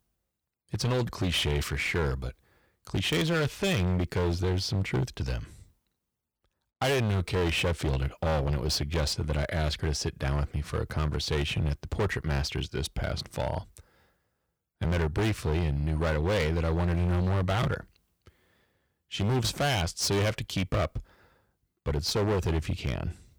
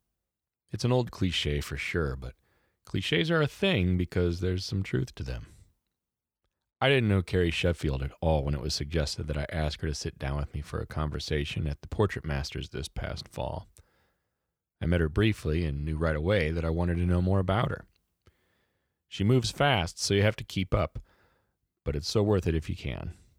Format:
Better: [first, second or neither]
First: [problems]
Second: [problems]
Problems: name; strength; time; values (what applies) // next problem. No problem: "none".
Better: second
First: distortion; heavy; 18% of the sound clipped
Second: none